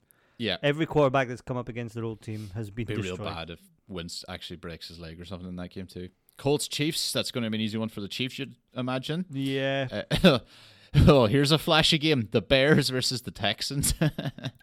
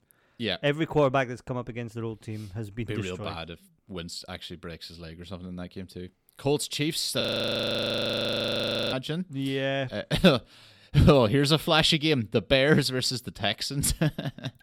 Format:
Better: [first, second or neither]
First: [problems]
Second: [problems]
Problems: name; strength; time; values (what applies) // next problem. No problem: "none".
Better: first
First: none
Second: audio freezing; at 7 s for 1.5 s